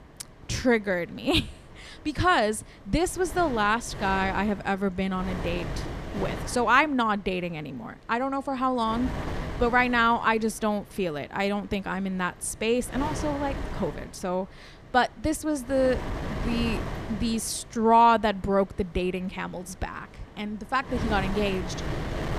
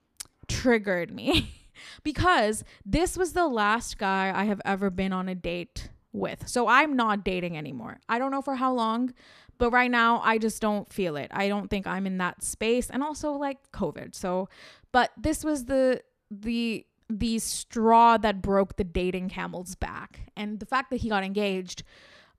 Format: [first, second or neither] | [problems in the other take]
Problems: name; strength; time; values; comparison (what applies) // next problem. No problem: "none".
second | wind noise on the microphone; occasional gusts; 10 dB below the speech